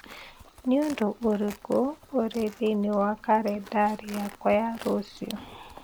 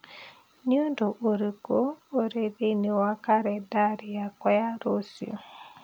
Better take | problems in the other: second | background sound (Livestock, farm animals, working animals); 20 dB below the speech

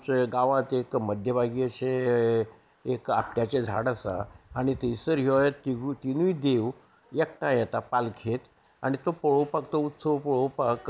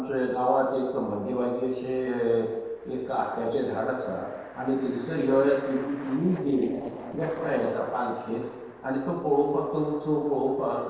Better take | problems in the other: first | noise reduction (neural separator model SepFormer DNS4)

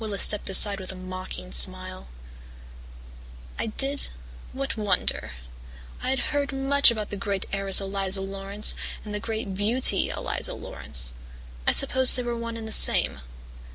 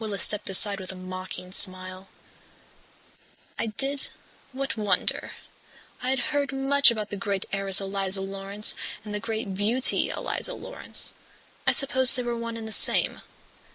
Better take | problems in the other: first | noise reduction (neural mask model Resemble Enhance denoiser)

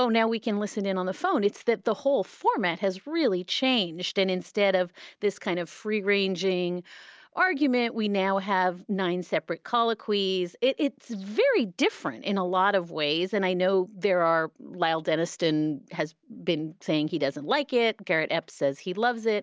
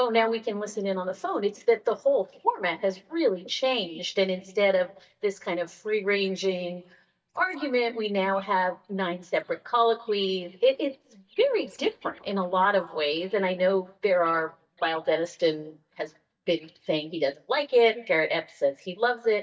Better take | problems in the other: first | noise reduction (neural mask model DeepFilterNet 3)

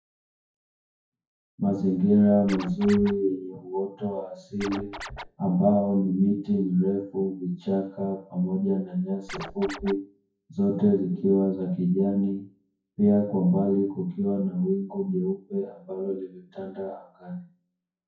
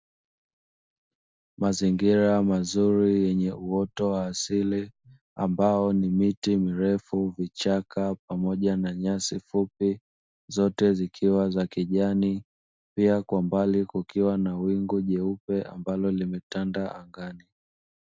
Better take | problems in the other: second | noise reduction (classical method WPE with log-MMSE)

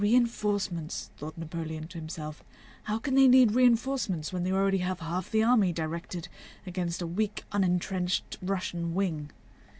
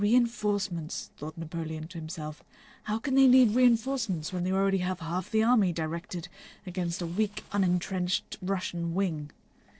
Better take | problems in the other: first | noise reduction (neural separator model SepFormer DNS4)

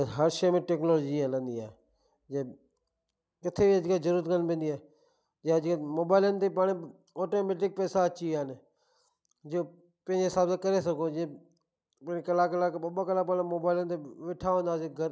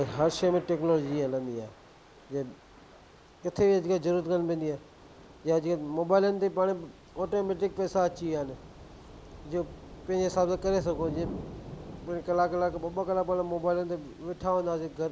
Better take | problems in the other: first | background sound (Thunder / Rain); 16 dB below the speech

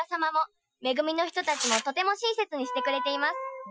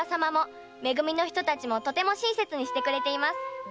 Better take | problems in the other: second | noise reduction (classical method Wiener filter)

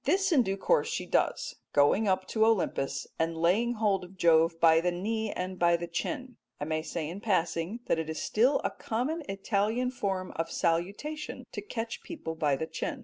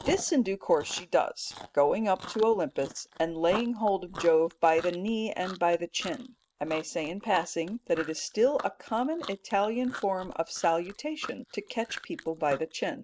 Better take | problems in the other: first | noise reduction (neural mask model RNNoise)

